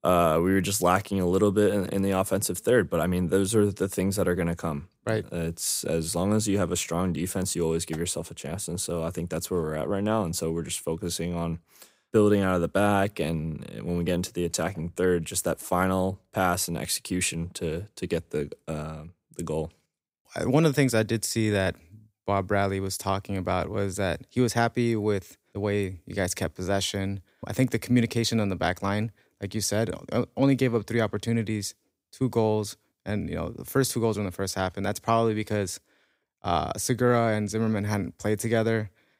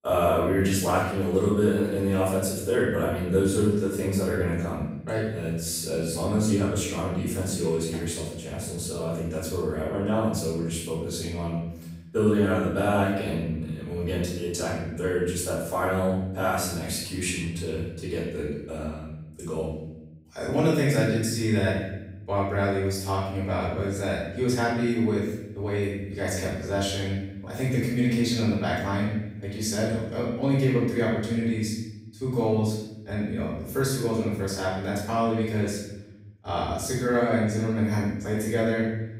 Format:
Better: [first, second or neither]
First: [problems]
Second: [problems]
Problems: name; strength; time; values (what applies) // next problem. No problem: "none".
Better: first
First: none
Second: off-mic speech; far // room echo; noticeable; dies away in 0.9 s